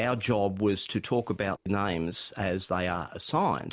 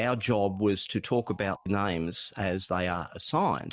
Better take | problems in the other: first | noise reduction (neural mask model DeepFilterNet 3)

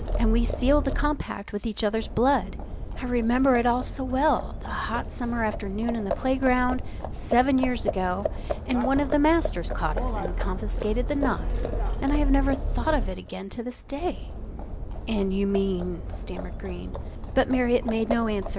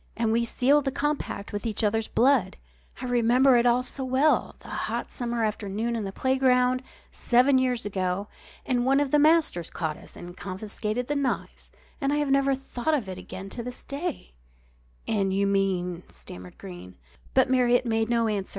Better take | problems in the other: second | background sound (Livestock, farm animals, working animals); 3 dB below the speech

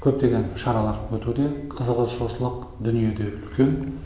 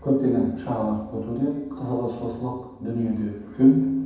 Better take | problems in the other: first | room echo; dies away in 0.6 s

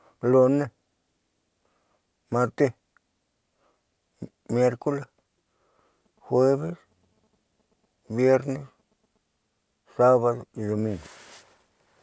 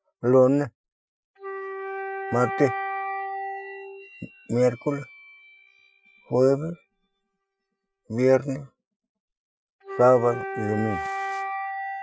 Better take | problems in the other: first | noise reduction (classical method Wiener filter)

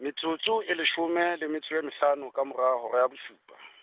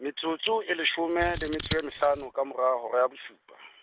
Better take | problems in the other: first | background sound (Scissors); 9 dB below the speech

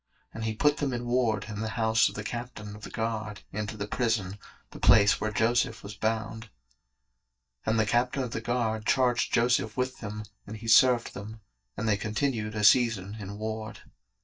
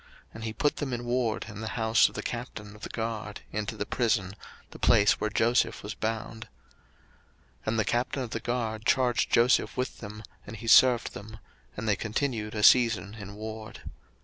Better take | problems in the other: second | noise reduction (neural mask model DeepFilterNet 3)

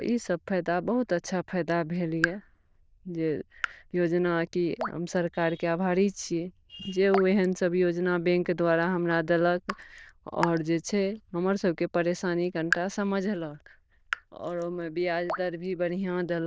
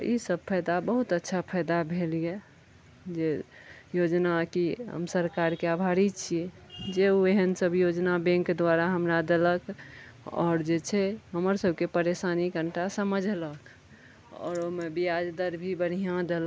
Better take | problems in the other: second | noise reduction (neural diffusion model UNIVERSE++)

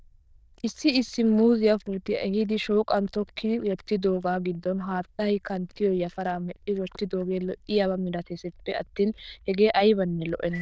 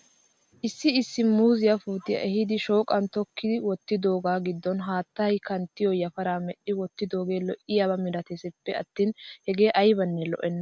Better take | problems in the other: second | noise reduction (neural diffusion model UNIVERSE++)

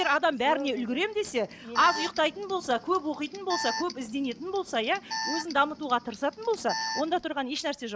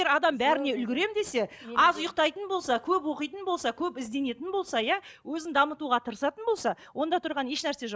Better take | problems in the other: second | background sound (Alarm); 10 dB below the speech

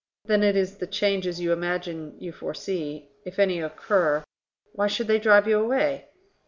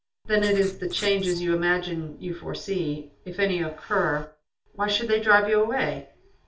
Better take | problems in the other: first | background sound (Writing); 18 dB below the speech // room echo; dies away in 0.2 s

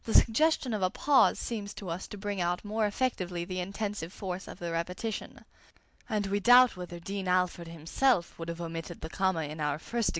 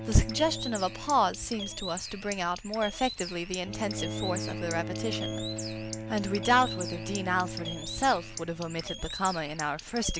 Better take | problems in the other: first | background sound (Bowed string instrument + Bird); 7 dB below the speech

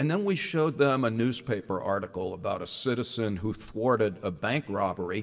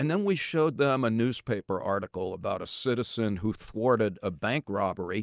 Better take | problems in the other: second | room echo; dies away in 1.9 s

